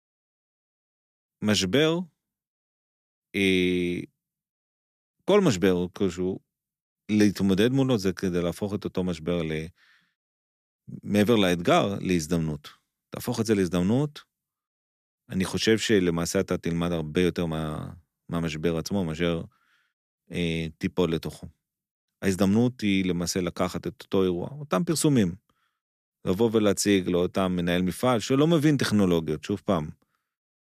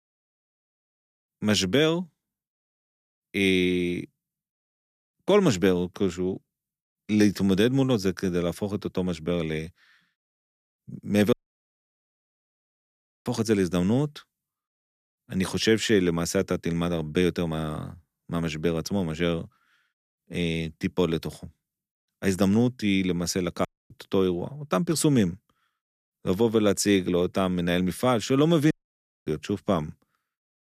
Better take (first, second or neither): first